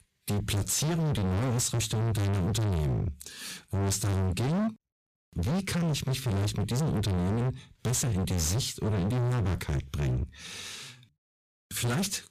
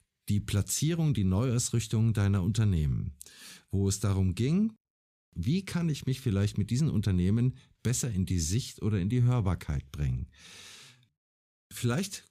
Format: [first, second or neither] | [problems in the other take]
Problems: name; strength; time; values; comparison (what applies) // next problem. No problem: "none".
second | distortion; heavy; 37% of the sound clipped